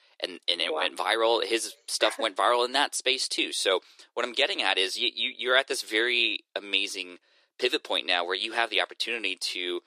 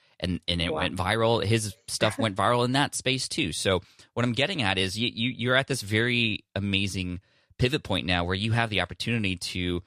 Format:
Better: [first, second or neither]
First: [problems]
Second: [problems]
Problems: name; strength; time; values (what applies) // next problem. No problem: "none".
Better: second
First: thin; very; fading below 350 Hz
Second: none